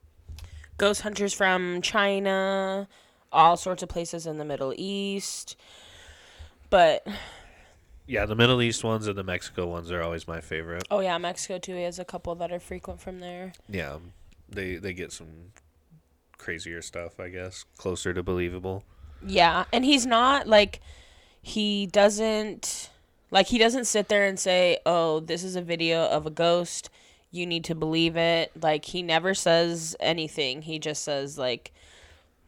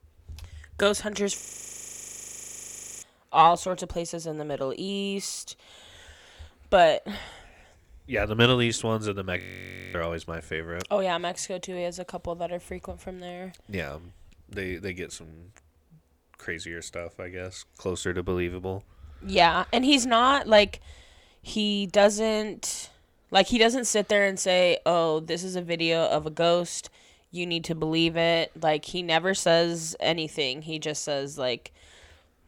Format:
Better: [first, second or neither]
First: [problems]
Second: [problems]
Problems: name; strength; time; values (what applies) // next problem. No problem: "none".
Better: first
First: none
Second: audio freezing; at 1.5 s for 1.5 s and at 9.5 s for 0.5 s